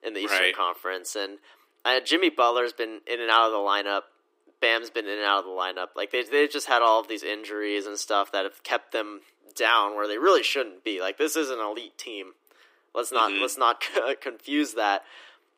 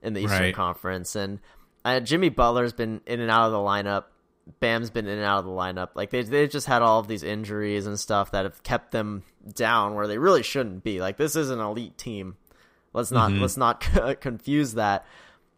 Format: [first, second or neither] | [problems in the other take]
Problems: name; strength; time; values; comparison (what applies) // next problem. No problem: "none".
second | thin; somewhat; fading below 300 Hz